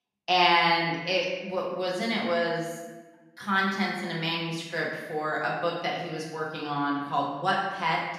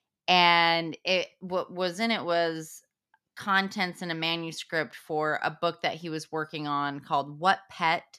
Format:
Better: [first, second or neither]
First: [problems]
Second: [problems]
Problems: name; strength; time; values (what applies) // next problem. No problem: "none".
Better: second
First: room echo; noticeable; dies away in 1 s // off-mic speech; far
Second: none